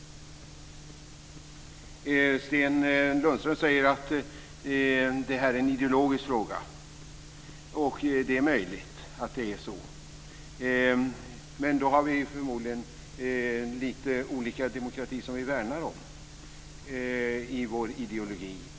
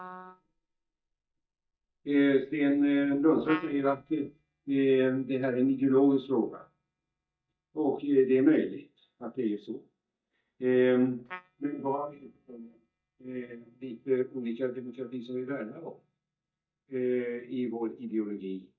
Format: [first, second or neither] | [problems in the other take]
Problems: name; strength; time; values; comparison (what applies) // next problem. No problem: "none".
first | noise reduction (neural mask model DeepFilterNet 3)